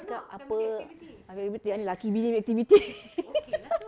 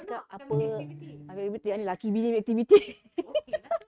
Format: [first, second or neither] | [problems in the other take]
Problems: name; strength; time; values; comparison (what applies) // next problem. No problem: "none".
first | noise reduction (neural mask model RNNoise)